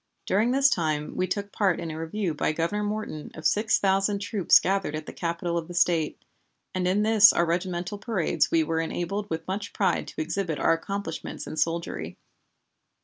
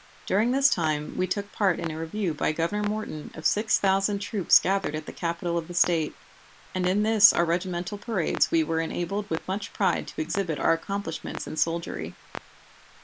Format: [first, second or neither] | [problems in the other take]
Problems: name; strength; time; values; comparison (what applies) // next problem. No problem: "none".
first | background sound (Clock); 17 dB below the speech